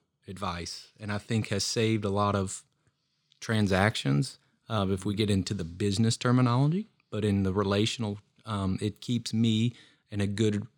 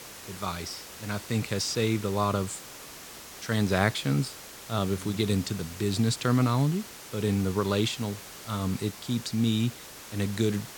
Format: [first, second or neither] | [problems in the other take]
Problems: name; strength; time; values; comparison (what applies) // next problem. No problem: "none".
first | hiss; noticeable; throughout; 15 dB below the speech